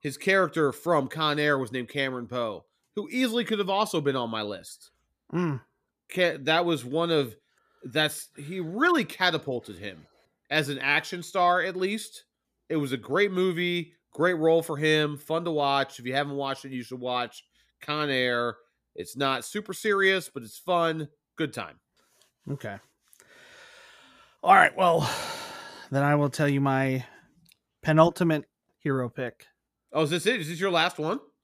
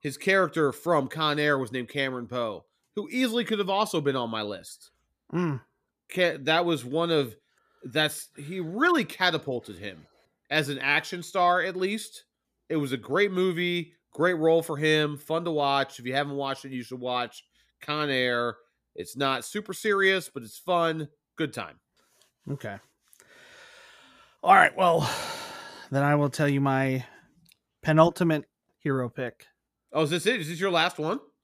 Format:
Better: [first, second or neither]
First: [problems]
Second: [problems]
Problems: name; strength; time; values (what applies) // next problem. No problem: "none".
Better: neither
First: none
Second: none